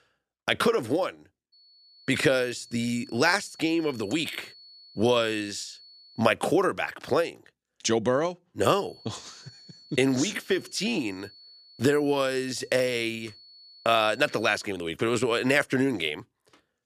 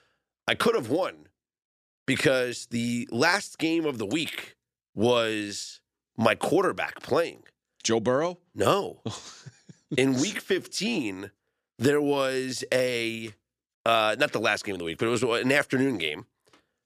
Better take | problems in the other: second | high-pitched whine; faint; from 1.5 to 6 s and from 8.5 to 15 s; 4.5 kHz, 25 dB below the speech

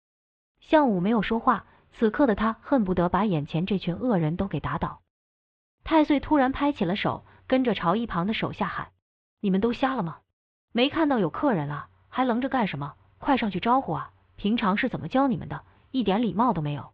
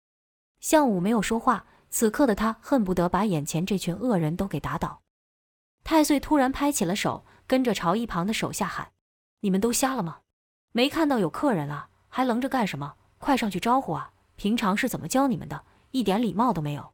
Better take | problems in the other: second | muffled; very; fading above 3.5 kHz

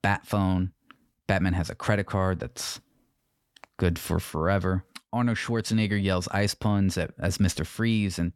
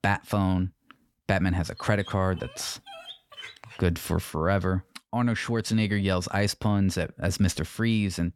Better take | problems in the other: first | dog barking; faint; from 2 to 4 s; peak 15 dB below the speech

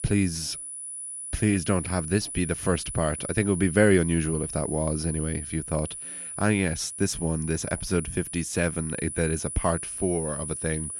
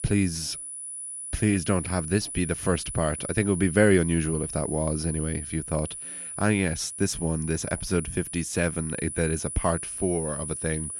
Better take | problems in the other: neither | high-pitched whine; loud; throughout; 10 kHz, 7 dB below the speech; the same in both

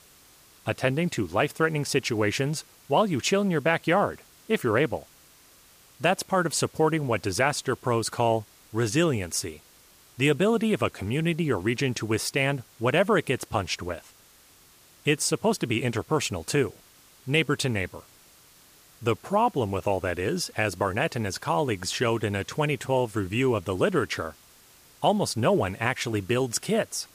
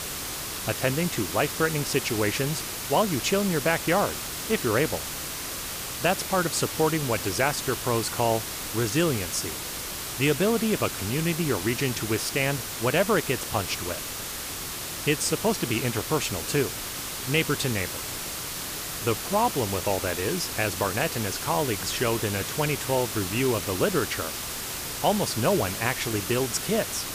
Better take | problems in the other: first | hiss; loud; throughout; 4 dB below the speech; faint in the first

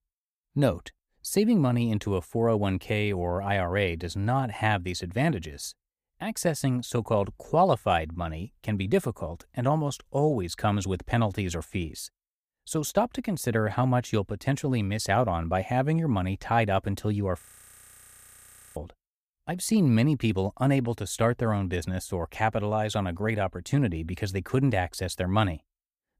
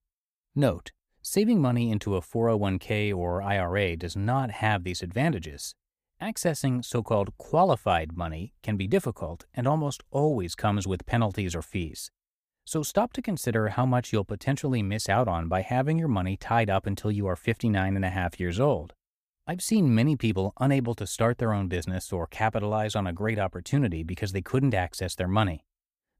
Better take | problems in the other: second | audio freezing; at 17 s for 1.5 s

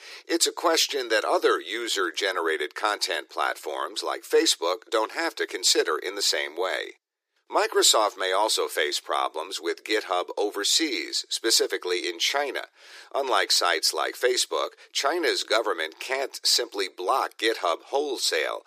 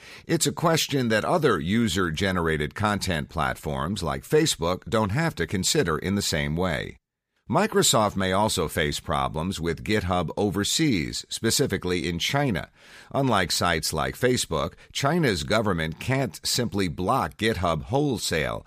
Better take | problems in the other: second | thin; very; fading below 350 Hz

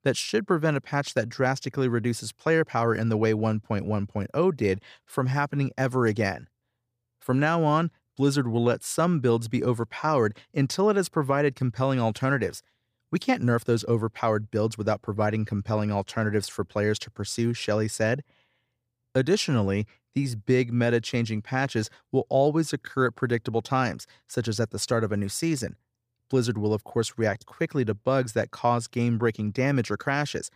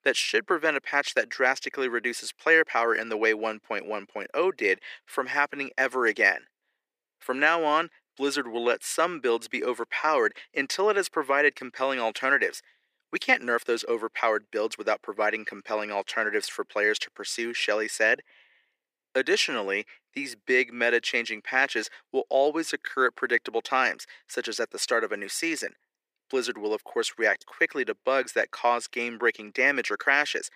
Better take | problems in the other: first | thin; very; fading below 350 Hz

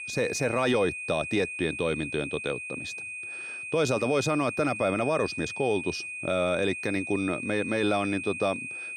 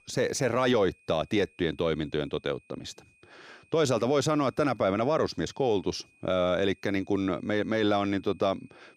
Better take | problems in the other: second | high-pitched whine; loud; throughout; 2.5 kHz, 6 dB below the speech; faint in the second

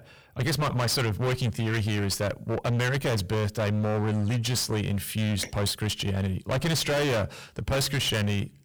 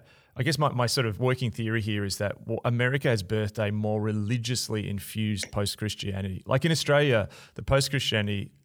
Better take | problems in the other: second | distortion; heavy; 33% of the sound clipped

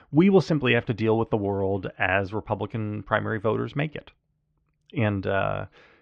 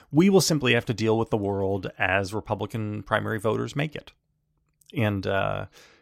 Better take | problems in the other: second | muffled; very; fading above 3 kHz

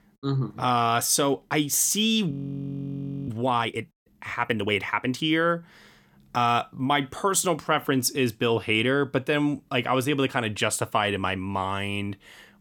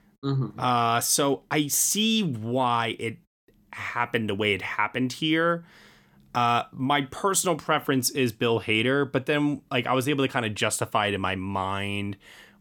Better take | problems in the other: second | audio freezing; at 2.5 s for 1 s

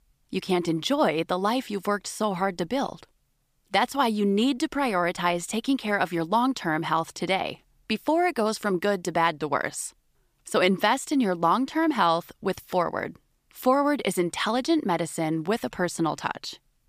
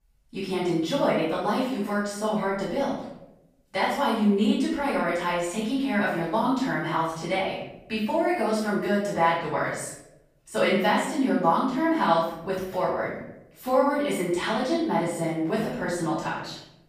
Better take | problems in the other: first | off-mic speech; far // room echo; noticeable; dies away in 0.7 s

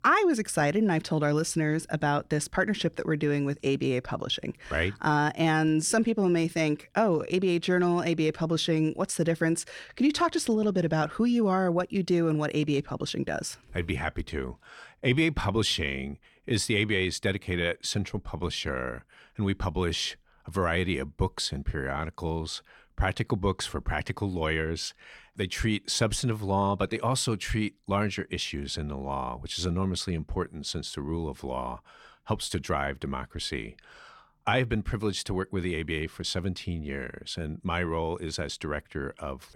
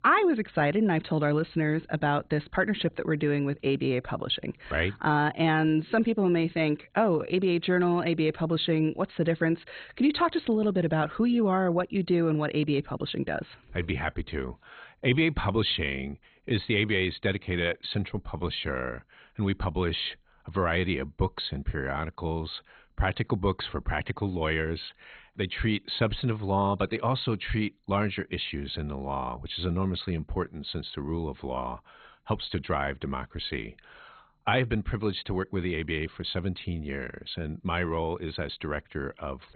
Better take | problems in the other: first | garbled, watery; badly; nothing above 4 kHz

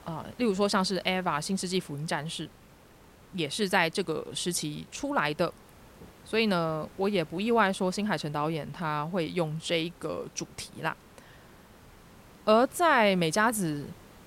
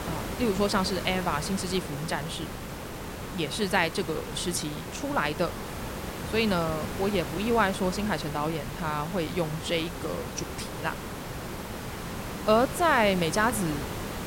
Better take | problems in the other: first | hiss; loud; throughout; 7 dB below the speech; faint in the first

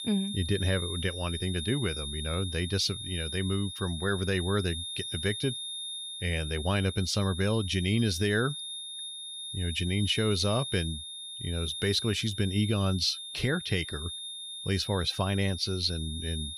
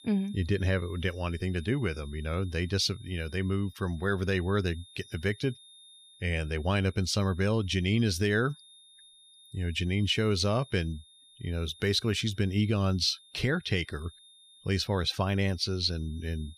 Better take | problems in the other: second | high-pitched whine; loud; throughout; 3.5 kHz, 6 dB below the speech; faint in the second

